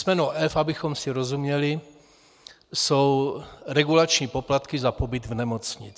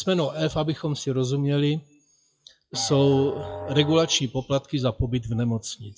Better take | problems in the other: first | noise reduction (classical method WPE with log-MMSE)

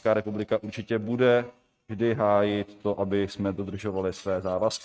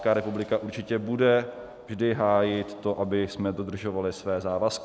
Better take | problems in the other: second | noise reduction (neural mask model RNNoise)

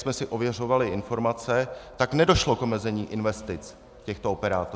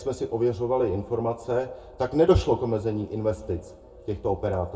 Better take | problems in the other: first | room echo; dies away in 0.2 s

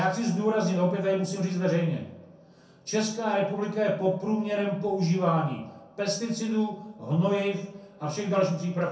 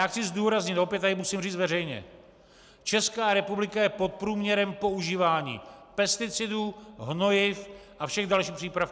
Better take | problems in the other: second | room echo; dies away in 0.5 s

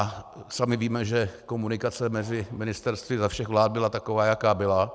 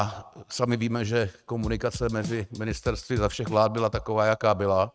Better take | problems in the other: first | noise reduction (neural mask model RNNoise)

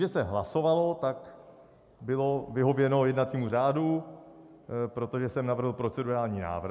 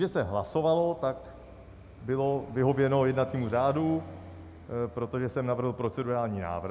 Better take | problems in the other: first | background sound (Traffic noise, roadway noise); 20 dB below the speech

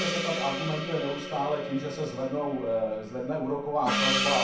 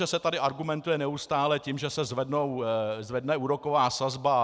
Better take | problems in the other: second | background sound (Gong); 2 dB below the speech // room echo; dies away in 0.7 s

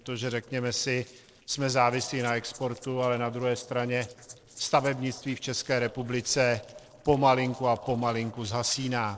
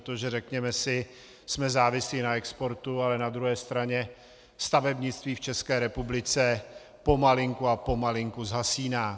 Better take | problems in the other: second | noise reduction (neural separator model SepFormer DNS4)

